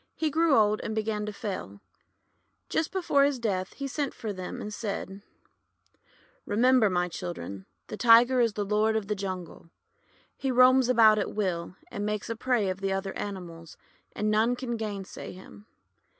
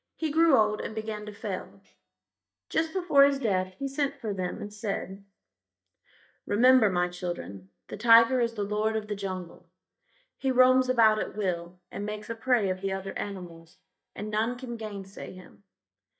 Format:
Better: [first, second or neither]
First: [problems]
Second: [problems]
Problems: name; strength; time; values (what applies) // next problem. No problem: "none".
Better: first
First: none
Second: noise reduction (neural mask model DeepFilterNet 3)